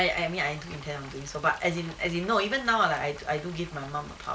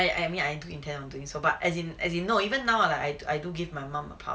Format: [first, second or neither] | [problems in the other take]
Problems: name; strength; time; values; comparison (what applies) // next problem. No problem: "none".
second | background sound (Frying (food)); 18 dB below the speech